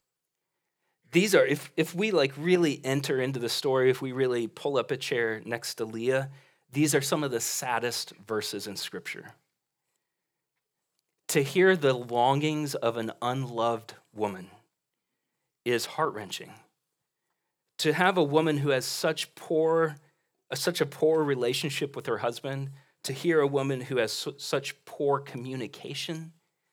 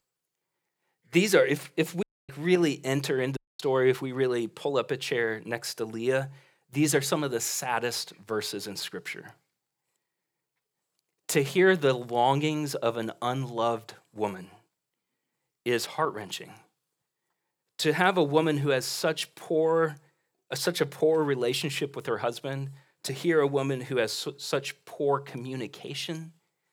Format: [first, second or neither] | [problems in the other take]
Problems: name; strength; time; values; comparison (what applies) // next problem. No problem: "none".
first | audio cutting out; at 2 s and at 3.5 s